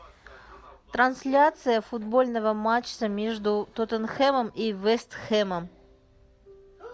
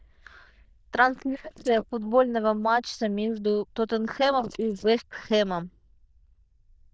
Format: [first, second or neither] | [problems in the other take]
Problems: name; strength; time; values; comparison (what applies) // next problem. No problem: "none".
first | noise reduction (neural diffusion model UNIVERSE++)